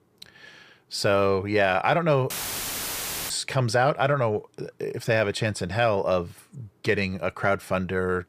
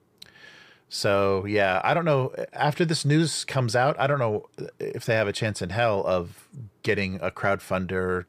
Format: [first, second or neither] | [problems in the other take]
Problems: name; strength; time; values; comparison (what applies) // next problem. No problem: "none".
second | audio cutting out; filled with static; at 2.5 s for 1 s